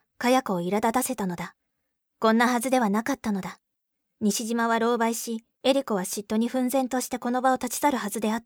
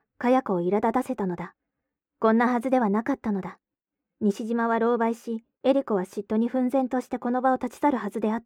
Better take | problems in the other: first | muffled; very; fading above 3 kHz

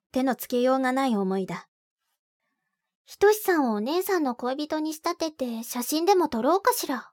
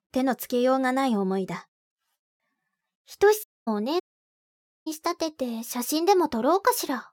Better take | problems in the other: first | audio cutting out; at 3.5 s and at 4 s for 1 s

